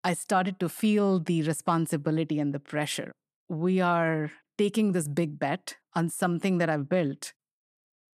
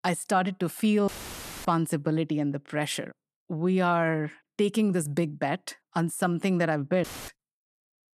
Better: first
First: none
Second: audio cutting out; filled with static; at 1 s for 0.5 s and at 7 s

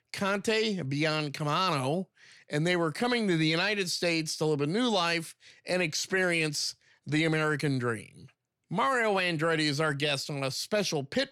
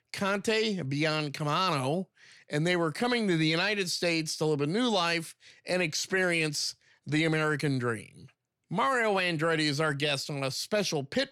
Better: neither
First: none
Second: none

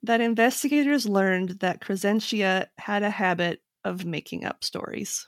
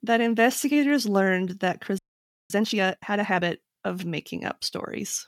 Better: first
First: none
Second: audio freezing; at 2 s for 0.5 s

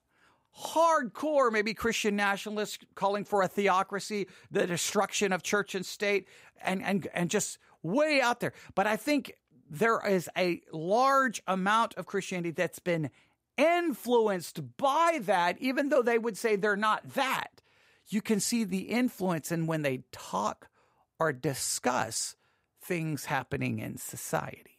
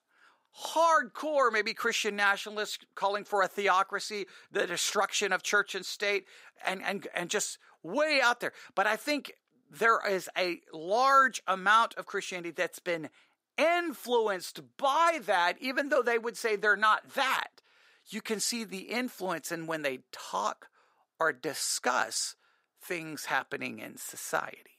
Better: first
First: none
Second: thin; somewhat; fading below 300 Hz

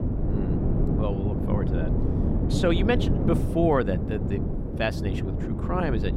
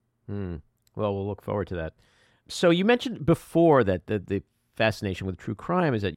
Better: second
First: wind noise on the microphone; heavy; 5 dB below the speech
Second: none

